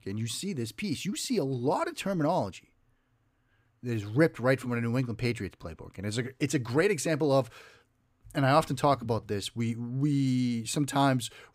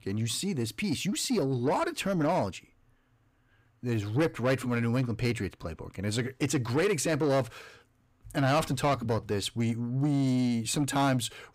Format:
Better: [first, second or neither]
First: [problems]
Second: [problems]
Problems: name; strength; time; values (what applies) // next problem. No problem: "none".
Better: first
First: none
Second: distortion; slight; 10 dB below the speech